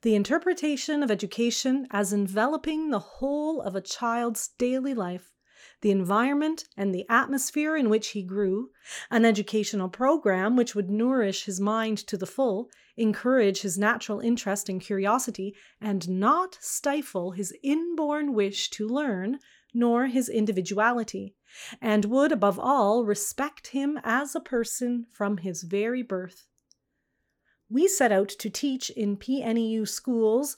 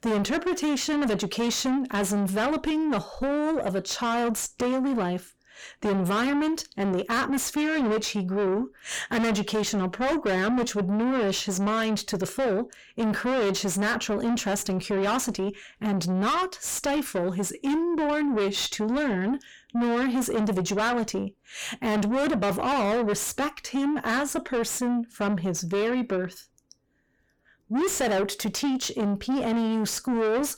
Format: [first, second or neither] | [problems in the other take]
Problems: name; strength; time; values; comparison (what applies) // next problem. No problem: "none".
first | distortion; heavy; 5 dB below the speech